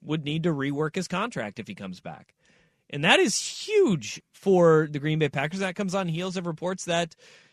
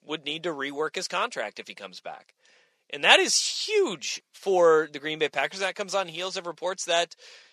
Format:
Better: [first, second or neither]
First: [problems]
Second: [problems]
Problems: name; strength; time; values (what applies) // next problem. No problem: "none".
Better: first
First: none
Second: thin; very; fading below 550 Hz